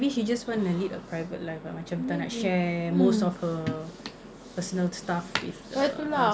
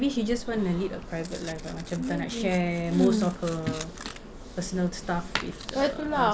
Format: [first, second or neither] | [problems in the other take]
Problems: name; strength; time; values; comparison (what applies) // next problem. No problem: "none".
first | background sound (Tearing); 14 dB below the speech